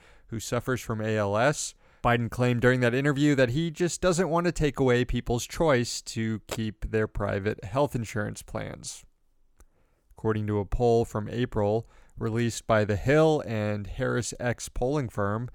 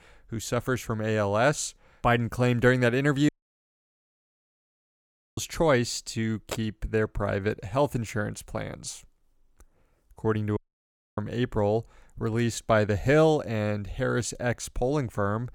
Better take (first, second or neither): first